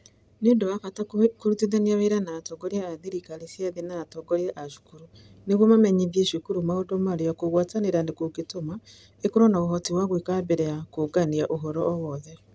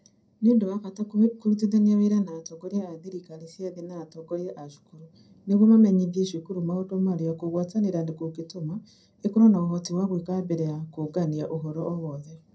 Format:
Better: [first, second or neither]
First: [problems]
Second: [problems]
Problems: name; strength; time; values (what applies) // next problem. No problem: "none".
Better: first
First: none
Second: room echo; dies away in 0.2 s